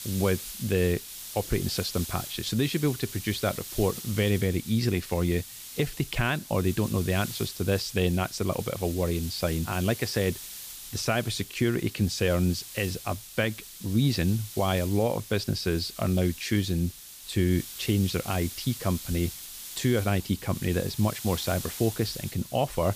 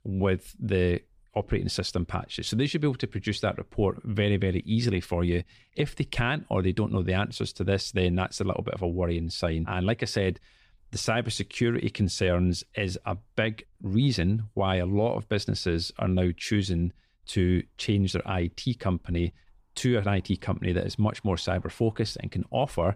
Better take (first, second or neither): second